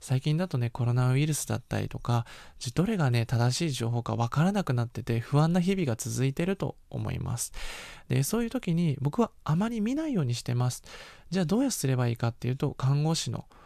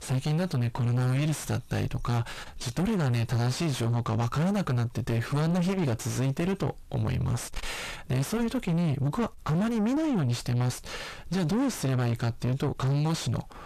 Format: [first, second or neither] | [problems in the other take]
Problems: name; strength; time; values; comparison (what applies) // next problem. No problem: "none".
first | distortion; heavy; 6 dB below the speech